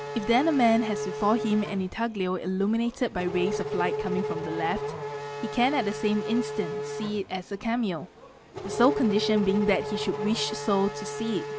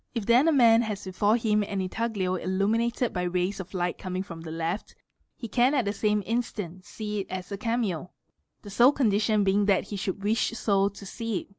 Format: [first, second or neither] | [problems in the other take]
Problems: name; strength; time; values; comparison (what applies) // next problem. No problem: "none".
second | background sound (Race car, auto racing / Accelerating, revving, vroom); 6 dB below the speech